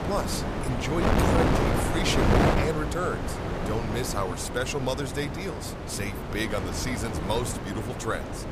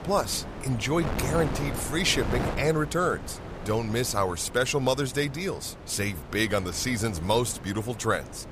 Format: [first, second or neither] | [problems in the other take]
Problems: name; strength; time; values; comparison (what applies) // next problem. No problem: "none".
second | wind noise on the microphone; heavy; 1 dB above the speech; occasional gusts in the second